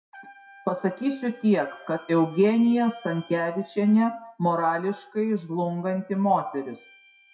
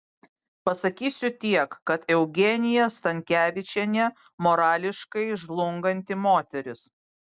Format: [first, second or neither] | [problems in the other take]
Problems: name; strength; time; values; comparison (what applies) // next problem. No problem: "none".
second | noise reduction (classical method WPE with log-MMSE)